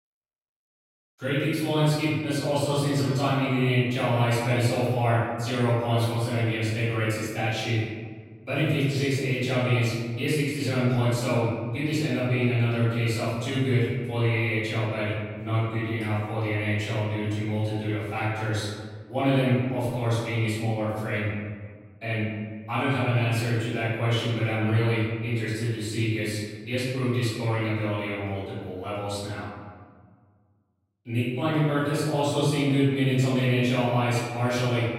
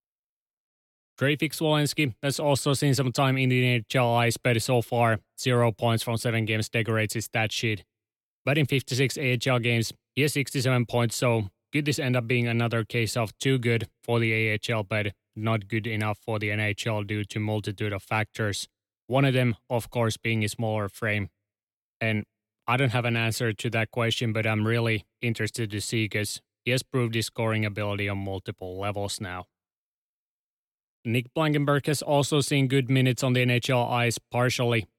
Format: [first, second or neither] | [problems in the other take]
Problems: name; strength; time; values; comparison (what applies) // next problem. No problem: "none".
second | room echo; strong; dies away in 1.5 s // off-mic speech; far